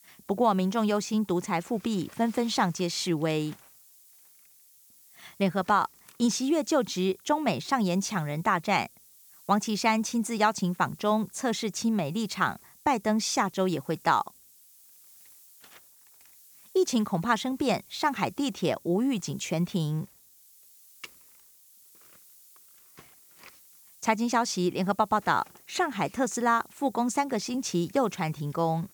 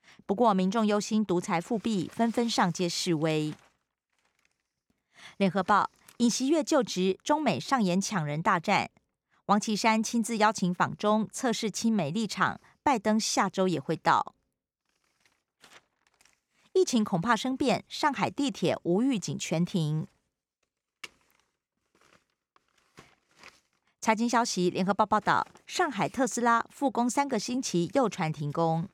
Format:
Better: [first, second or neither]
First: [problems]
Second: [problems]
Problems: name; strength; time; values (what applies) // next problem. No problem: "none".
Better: second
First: hiss; faint; throughout; 25 dB below the speech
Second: none